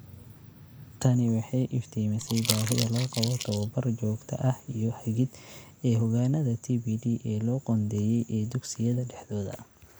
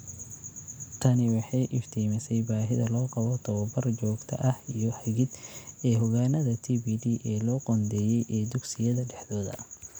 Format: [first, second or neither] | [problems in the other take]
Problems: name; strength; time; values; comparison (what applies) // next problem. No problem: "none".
second | noise reduction (neural mask model Resemble Enhance denoiser)